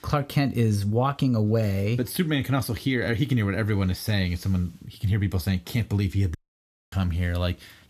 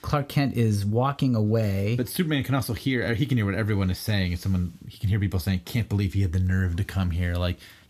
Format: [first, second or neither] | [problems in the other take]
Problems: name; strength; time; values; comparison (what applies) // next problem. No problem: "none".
second | audio cutting out; at 6.5 s for 0.5 s